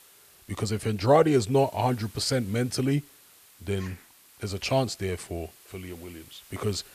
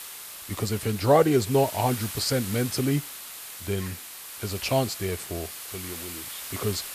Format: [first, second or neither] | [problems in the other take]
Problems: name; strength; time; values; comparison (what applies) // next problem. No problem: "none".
first | hiss; loud; throughout; 10 dB below the speech; faint in the first